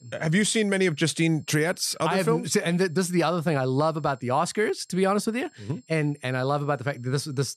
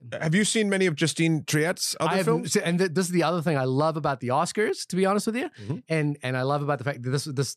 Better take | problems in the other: second | high-pitched whine; faint; throughout; 7.5 kHz, 35 dB below the speech

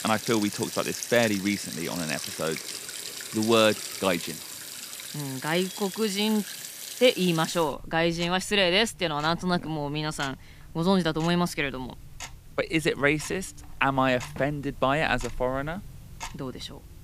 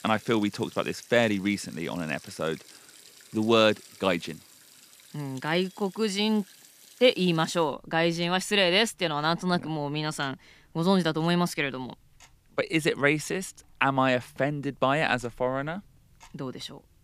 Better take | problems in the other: second | household noises; loud; throughout; 10 dB below the speech; faint in the second

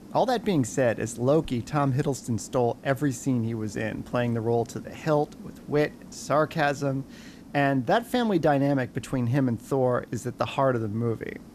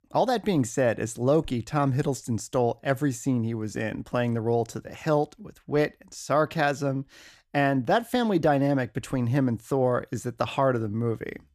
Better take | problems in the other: second | hiss; faint; throughout; 20 dB below the speech

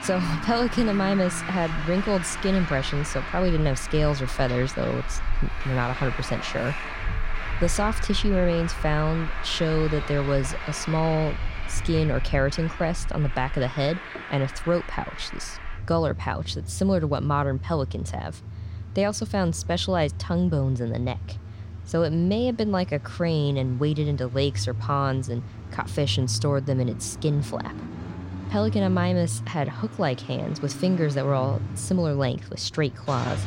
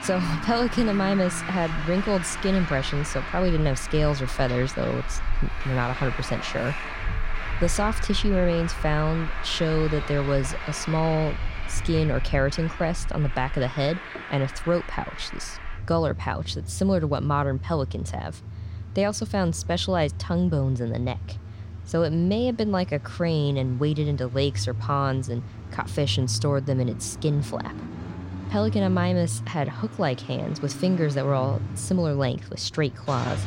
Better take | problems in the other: neither | traffic noise; loud; throughout; 8 dB below the speech; the same in both

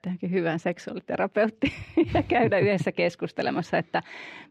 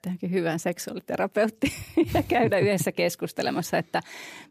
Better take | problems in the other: second | muffled; slightly; fading above 3 kHz

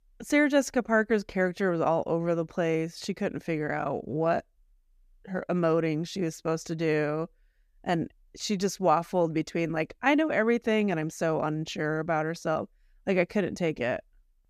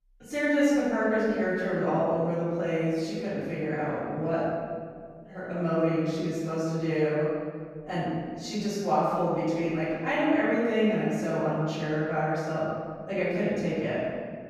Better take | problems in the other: first | off-mic speech; far // room echo; strong; dies away in 1.8 s

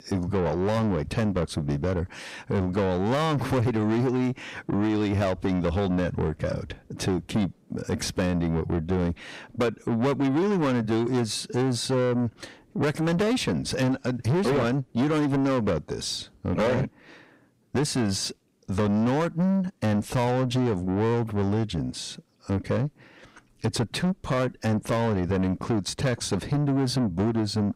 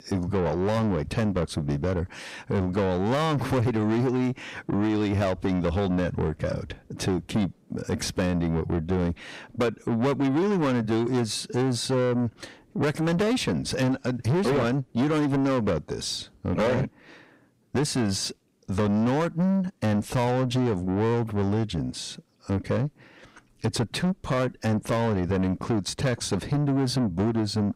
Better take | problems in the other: neither | distortion; heavy; 7 dB below the speech; the same in both

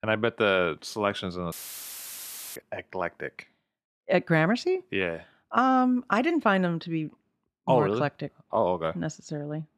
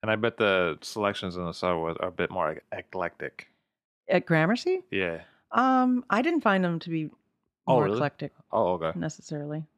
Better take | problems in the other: second | audio cutting out; filled with static; at 1.5 s for 1 s

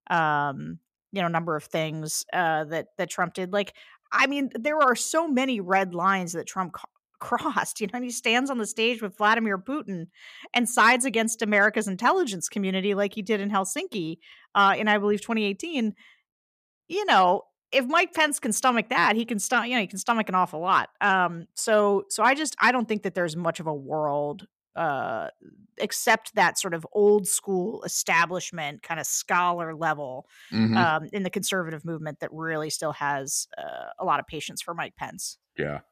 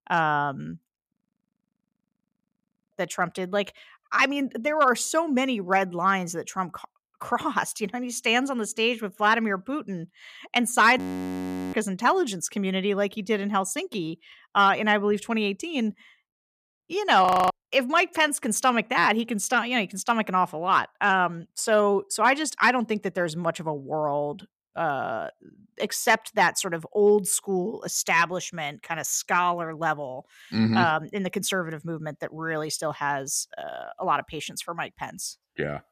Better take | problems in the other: first | audio freezing; at 1 s for 2 s, at 11 s for 0.5 s and at 17 s

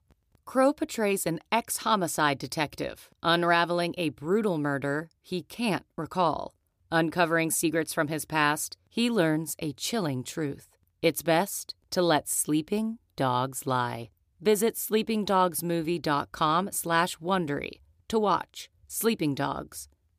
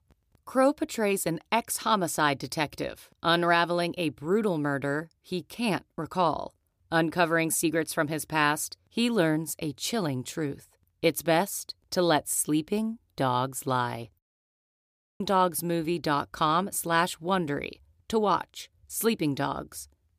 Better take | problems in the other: first | audio cutting out; at 14 s for 1 s

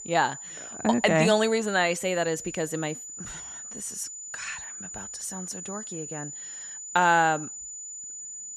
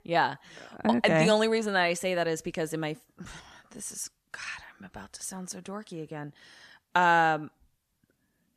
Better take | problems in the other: second | high-pitched whine; noticeable; throughout; 7 kHz, 10 dB below the speech

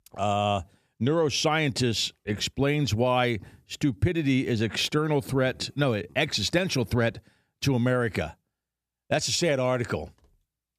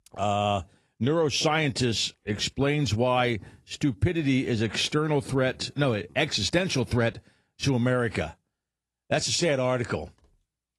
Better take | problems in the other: first | garbled, watery; slightly; nothing above 11.5 kHz

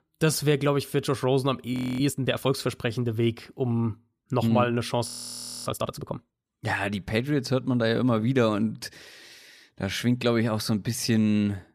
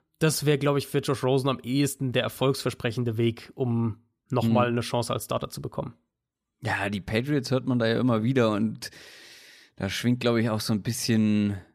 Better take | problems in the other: second | audio freezing; at 1.5 s and at 5 s for 0.5 s

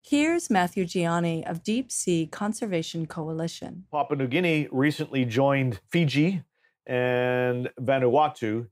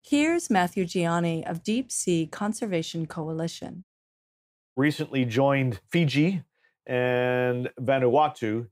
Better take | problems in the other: first | audio cutting out; at 4 s for 1 s

